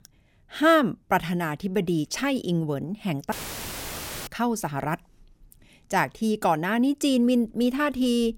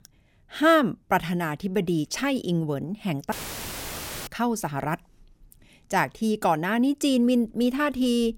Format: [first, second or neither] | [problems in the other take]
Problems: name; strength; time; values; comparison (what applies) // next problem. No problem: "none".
neither | audio cutting out; filled with static; at 3.5 s for 1 s; the same in both